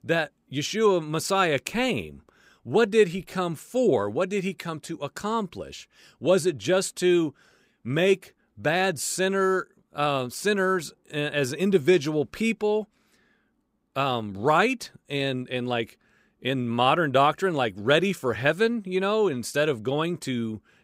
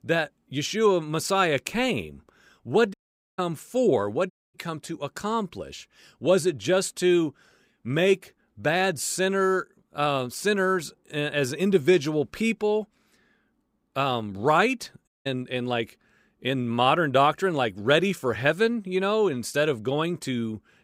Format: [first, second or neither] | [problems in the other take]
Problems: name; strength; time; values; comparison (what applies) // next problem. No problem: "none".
first | audio cutting out; at 3 s, at 4.5 s and at 15 s